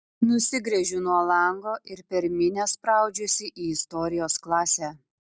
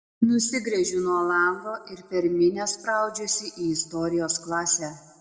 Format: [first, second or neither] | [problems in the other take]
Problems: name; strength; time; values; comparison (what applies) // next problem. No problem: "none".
first | room echo; dies away in 0.9 s